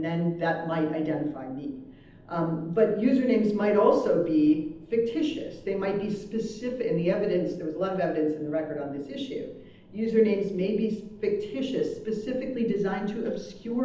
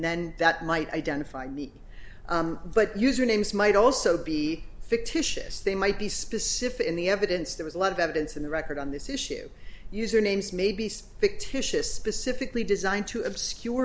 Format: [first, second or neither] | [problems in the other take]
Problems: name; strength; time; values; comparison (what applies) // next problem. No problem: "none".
second | room echo; dies away in 0.8 s